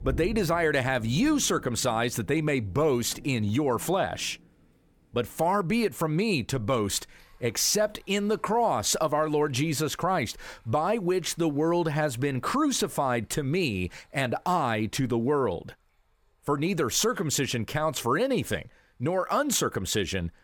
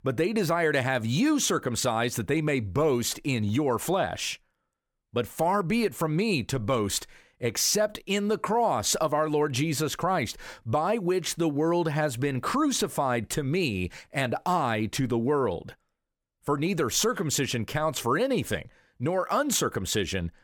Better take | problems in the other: second | rain or running water; faint; throughout; 20 dB below the speech

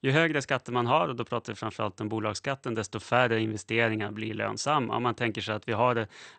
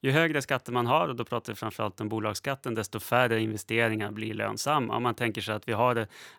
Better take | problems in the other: second | garbled, watery; slightly; nothing above 8.5 kHz

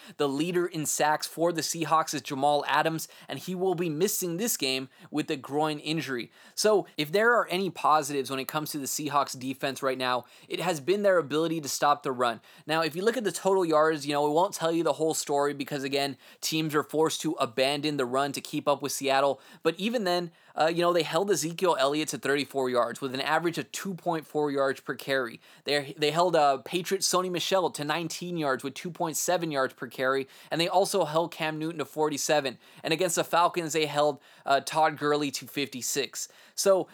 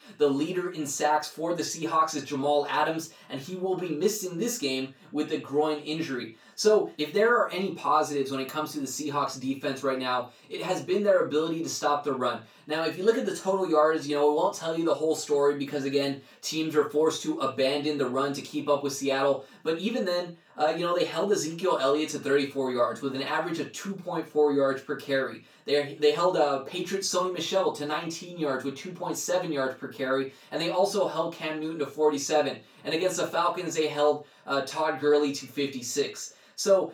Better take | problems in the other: first | room echo; slight; dies away in 0.2 s // off-mic speech; far

